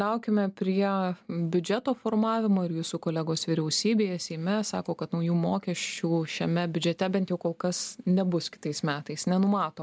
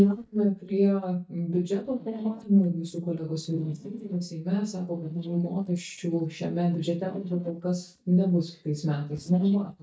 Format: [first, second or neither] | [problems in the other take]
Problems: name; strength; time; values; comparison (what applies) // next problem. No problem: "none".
first | noise reduction (neural mask model DeepFilterNet 3)